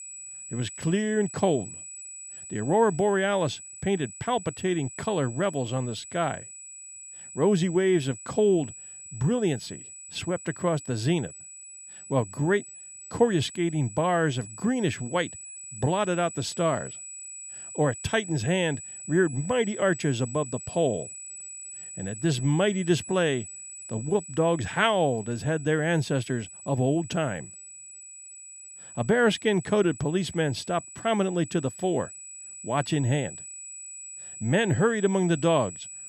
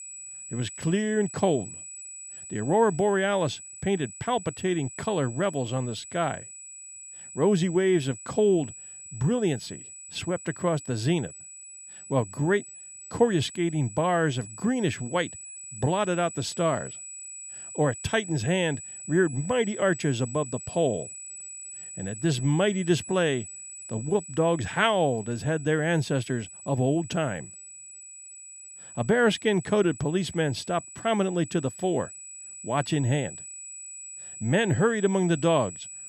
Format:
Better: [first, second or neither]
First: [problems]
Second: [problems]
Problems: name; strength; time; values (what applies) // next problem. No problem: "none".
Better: neither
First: high-pitched whine; noticeable; throughout; 8 kHz, 15 dB below the speech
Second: high-pitched whine; noticeable; throughout; 8 kHz, 15 dB below the speech